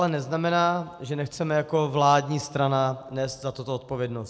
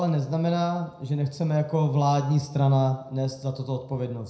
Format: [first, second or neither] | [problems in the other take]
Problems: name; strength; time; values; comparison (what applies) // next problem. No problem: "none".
first | room echo; dies away in 0.4 s